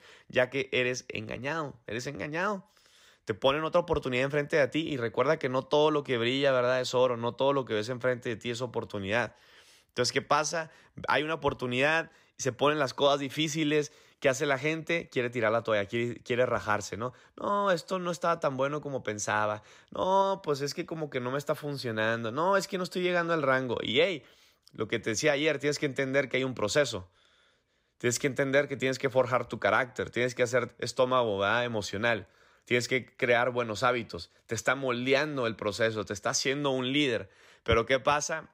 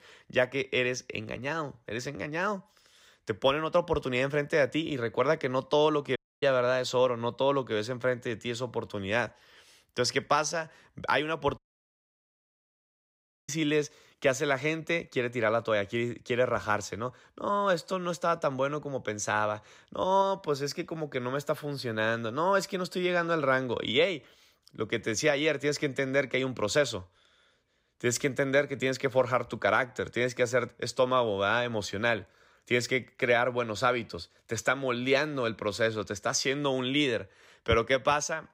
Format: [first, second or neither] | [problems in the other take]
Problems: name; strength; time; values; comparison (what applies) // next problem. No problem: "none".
first | audio cutting out; at 6 s and at 12 s for 2 s